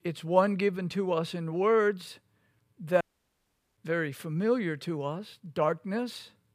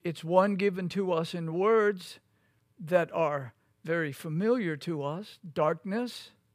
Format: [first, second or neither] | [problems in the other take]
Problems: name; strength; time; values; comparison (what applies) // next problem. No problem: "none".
second | audio cutting out; at 3 s for 1 s